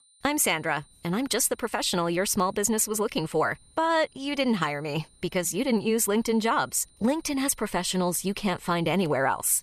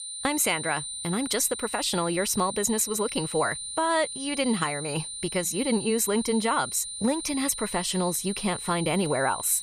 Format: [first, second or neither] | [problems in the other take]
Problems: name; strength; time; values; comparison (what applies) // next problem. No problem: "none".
first | high-pitched whine; loud; throughout; 9 kHz, 7 dB below the speech; faint in the first